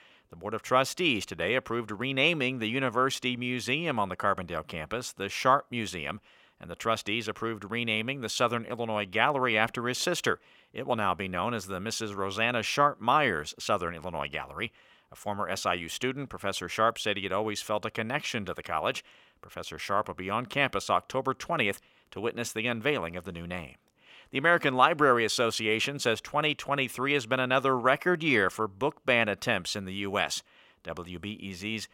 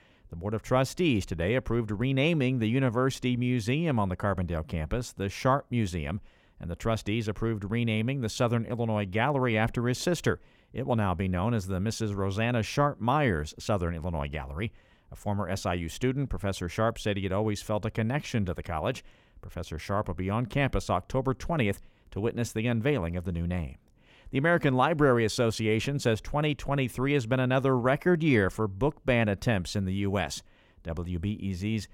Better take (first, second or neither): second